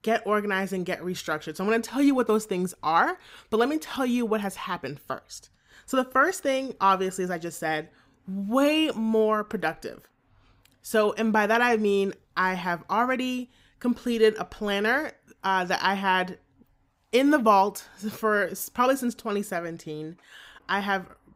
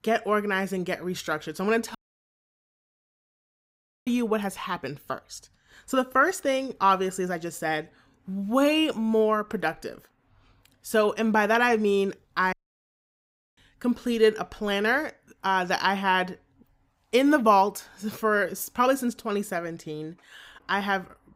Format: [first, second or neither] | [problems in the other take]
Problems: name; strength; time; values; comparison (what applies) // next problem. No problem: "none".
first | audio cutting out; at 2 s for 2 s and at 13 s for 1 s